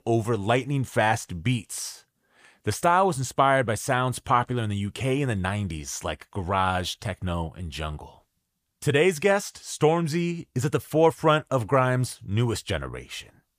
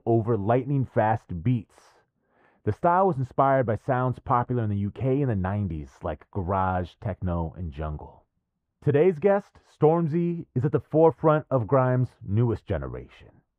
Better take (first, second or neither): first